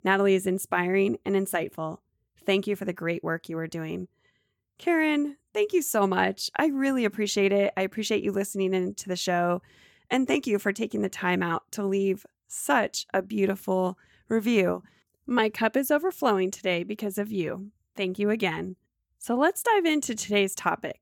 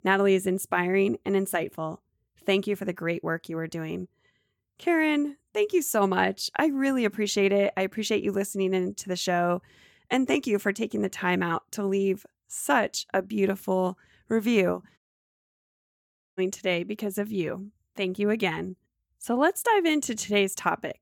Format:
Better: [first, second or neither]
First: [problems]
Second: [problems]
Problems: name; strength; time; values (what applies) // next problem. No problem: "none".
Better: first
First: none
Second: audio cutting out; at 15 s for 1.5 s